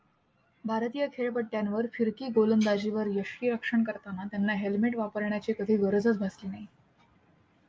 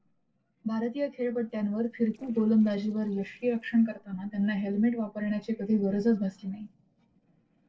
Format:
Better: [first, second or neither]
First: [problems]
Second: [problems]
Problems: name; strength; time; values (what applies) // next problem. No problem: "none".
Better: first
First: none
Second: noise reduction (neural separator model SepFormer DNS4)